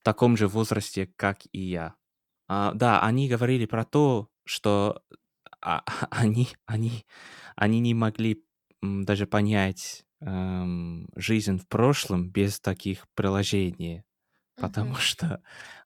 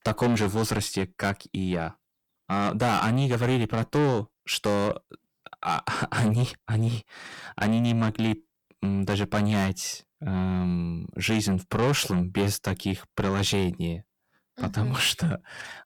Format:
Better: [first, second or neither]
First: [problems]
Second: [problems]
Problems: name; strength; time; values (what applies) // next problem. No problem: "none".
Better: first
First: none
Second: distortion; heavy; 6 dB below the speech